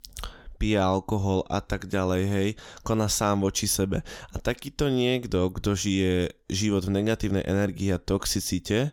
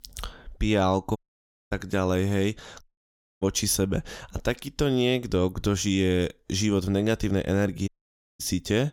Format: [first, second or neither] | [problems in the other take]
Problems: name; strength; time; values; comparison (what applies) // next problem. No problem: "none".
first | audio cutting out; at 1 s for 0.5 s, at 3 s for 0.5 s and at 8 s for 0.5 s